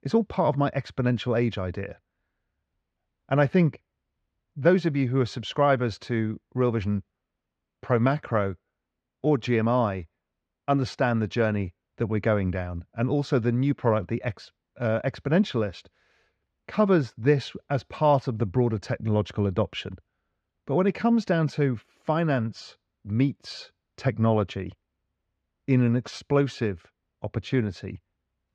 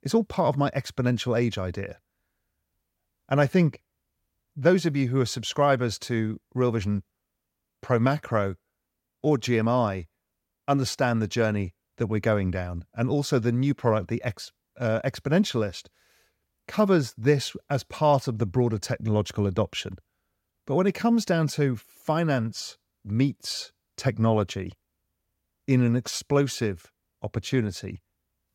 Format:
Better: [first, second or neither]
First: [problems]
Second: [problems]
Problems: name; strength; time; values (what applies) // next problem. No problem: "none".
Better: second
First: muffled; slightly; fading above 3.5 kHz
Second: none